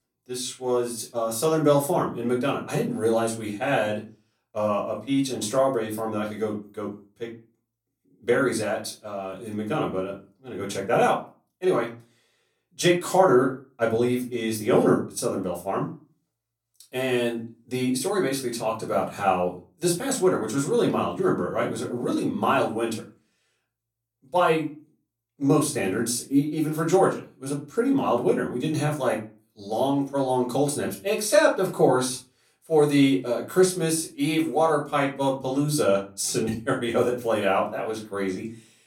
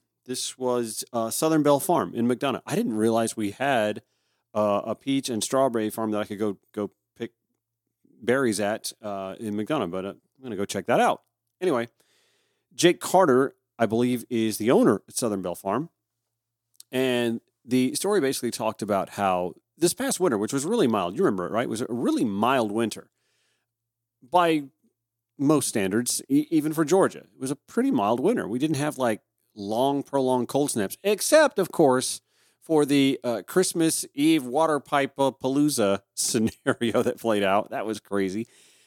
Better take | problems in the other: second | off-mic speech; far // room echo; slight; dies away in 0.3 s

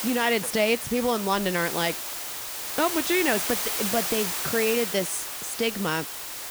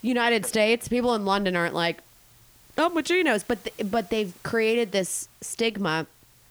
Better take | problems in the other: second | hiss; loud; throughout; 3 dB below the speech; faint in the second

